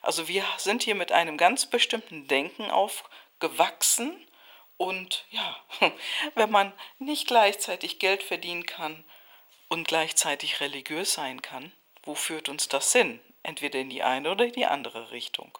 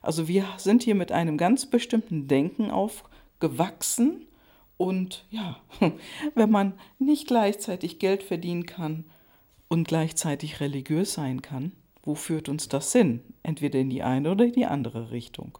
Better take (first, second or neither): second